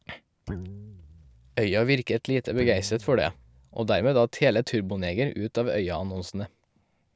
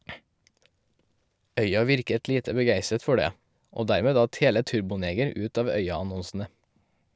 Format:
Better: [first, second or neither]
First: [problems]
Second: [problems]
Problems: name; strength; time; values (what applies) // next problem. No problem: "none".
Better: second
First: background sound (Guitar); 14 dB below the speech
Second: none